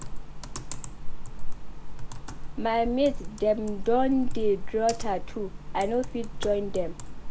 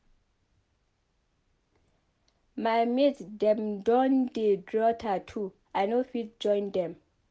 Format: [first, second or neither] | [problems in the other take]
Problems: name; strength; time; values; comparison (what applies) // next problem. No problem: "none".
second | background sound (Computer keyboard); as loud as the speech